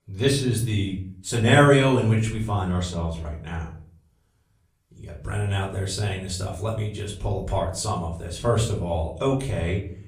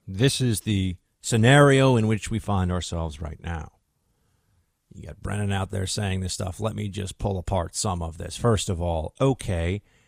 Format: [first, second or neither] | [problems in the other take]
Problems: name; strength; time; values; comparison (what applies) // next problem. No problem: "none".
second | off-mic speech; far // room echo; slight; dies away in 0.4 s